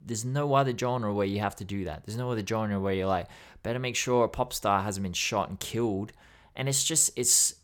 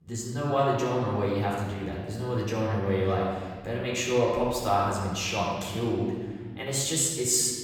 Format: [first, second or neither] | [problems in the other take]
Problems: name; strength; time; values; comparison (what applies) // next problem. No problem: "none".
first | off-mic speech; far // room echo; noticeable; dies away in 1.6 s